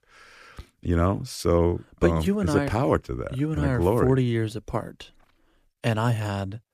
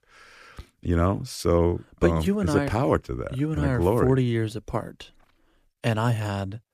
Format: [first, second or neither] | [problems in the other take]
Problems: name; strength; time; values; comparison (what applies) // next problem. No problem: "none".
neither | none